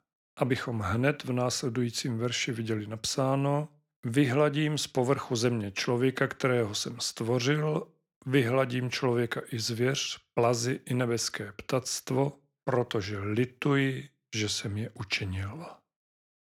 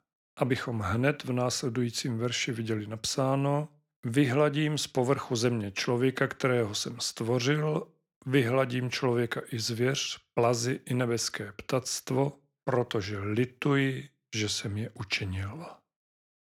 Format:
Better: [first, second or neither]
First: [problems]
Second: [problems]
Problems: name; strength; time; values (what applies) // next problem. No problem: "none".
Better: neither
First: none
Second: none